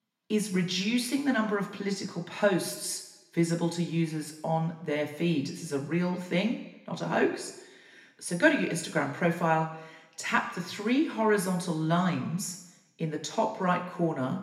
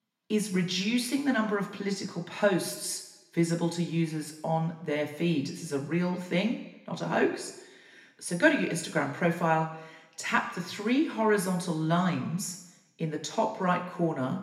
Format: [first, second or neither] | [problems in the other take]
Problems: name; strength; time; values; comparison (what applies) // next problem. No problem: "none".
neither | room echo; slight; dies away in 0.9 s; the same in both // off-mic speech; somewhat distant; the same in both